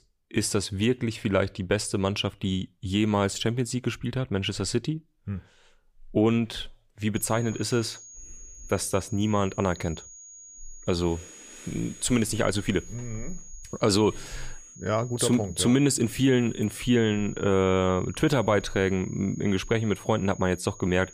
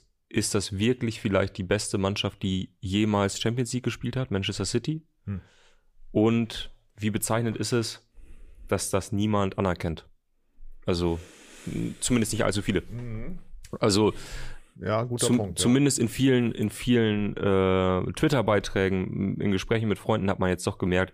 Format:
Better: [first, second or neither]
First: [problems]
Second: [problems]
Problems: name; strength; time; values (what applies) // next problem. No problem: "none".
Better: second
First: high-pitched whine; noticeable; from 7 s on; 6.5 kHz, 20 dB below the speech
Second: none